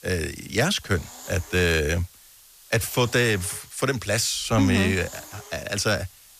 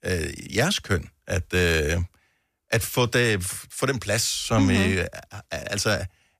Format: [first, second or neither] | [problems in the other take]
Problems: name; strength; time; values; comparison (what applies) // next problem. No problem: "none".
second | hiss; noticeable; throughout; 20 dB below the speech